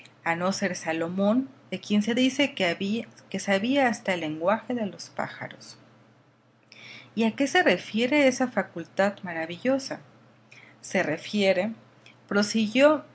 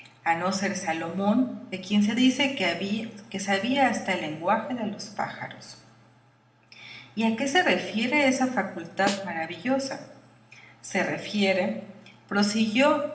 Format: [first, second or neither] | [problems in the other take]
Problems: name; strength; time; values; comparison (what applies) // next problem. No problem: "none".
first | background sound (Snare drum); 12 dB below the speech // room echo; dies away in 0.7 s